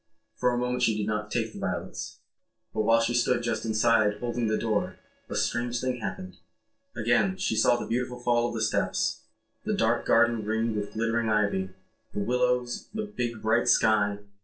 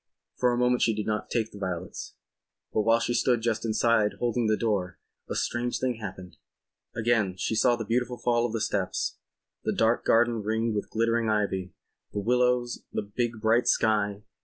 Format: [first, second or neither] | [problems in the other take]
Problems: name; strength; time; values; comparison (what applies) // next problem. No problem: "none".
second | noise reduction (neural separator model SepFormer DNS4)